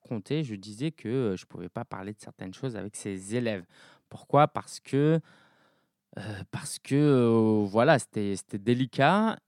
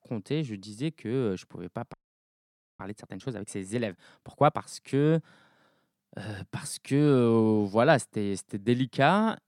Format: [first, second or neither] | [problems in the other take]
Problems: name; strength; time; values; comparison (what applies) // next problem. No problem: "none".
first | audio freezing; at 2 s for 1 s